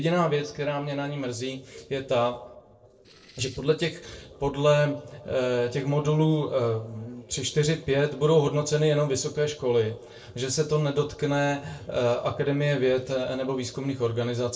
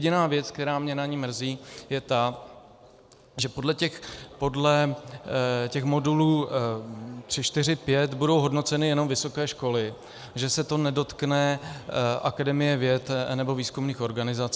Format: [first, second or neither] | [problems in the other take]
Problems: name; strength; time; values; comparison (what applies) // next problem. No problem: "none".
second | noise reduction (neural separator model SepFormer DNS4)